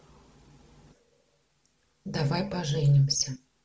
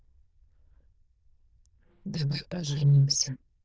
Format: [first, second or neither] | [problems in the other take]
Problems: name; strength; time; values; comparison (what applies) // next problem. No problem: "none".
first | noise reduction (neural diffusion model UNIVERSE++)